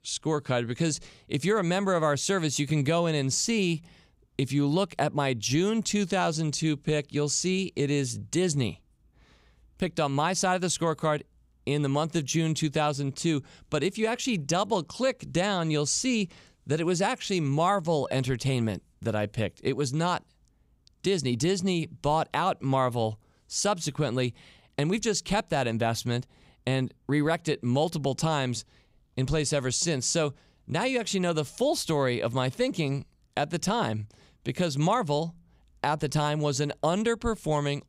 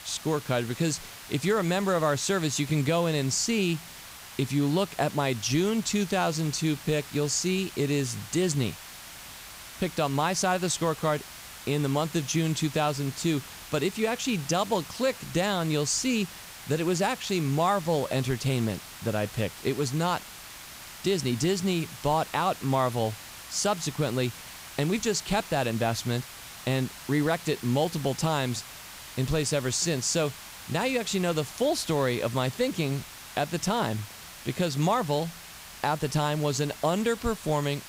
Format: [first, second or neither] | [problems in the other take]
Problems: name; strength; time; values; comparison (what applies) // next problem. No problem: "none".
first | hiss; noticeable; throughout; 15 dB below the speech